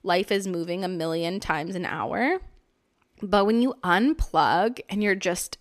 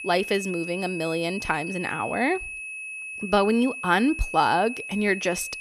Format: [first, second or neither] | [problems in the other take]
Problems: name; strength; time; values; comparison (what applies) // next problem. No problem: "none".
first | high-pitched whine; loud; throughout; 2.5 kHz, 8 dB below the speech